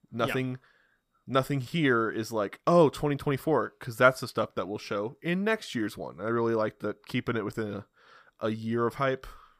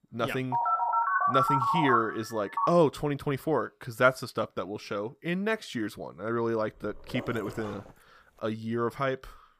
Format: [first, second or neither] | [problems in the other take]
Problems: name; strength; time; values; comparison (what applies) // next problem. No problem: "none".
first | phone ringing; loud; from 0.5 to 2.5 s; peak 5 dB above the speech // dog barking; faint; from 7 to 8 s; peak 10 dB below the speech